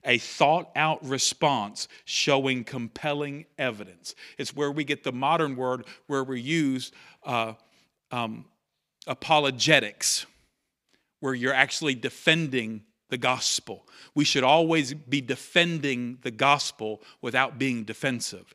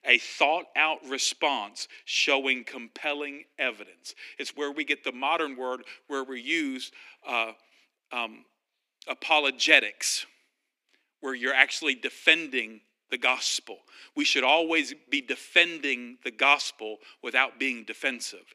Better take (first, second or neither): first